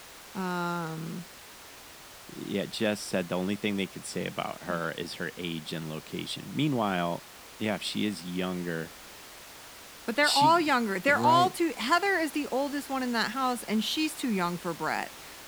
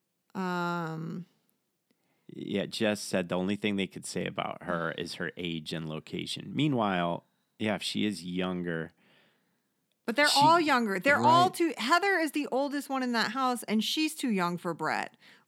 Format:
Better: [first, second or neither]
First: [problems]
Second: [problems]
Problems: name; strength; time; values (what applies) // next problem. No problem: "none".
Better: second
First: hiss; noticeable; throughout; 15 dB below the speech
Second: none